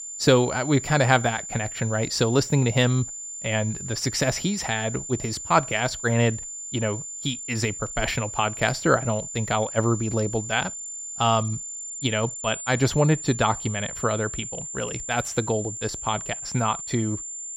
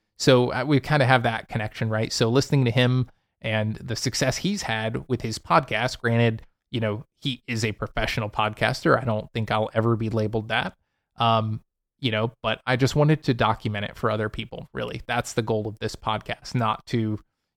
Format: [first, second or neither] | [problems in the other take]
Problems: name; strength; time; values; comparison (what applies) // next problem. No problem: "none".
second | high-pitched whine; loud; throughout; 7 kHz, 8 dB below the speech